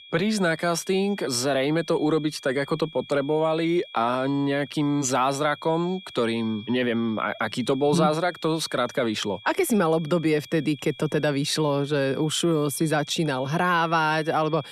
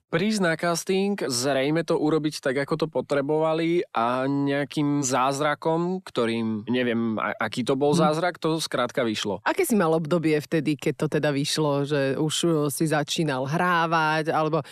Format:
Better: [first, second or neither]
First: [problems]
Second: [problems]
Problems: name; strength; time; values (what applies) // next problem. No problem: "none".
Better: second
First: high-pitched whine; noticeable; throughout; 3.5 kHz, 20 dB below the speech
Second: none